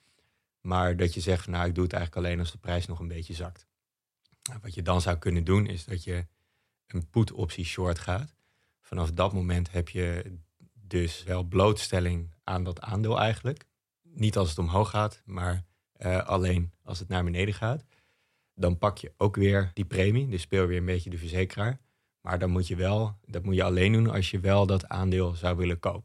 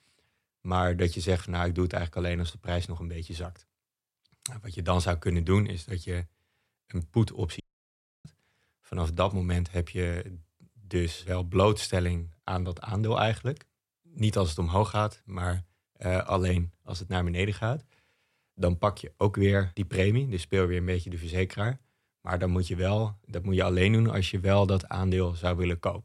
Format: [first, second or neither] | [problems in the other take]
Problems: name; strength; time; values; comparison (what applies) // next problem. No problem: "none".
first | audio cutting out; at 7.5 s for 0.5 s